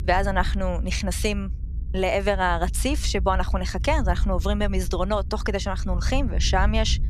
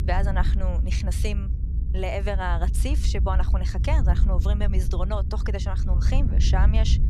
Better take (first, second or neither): first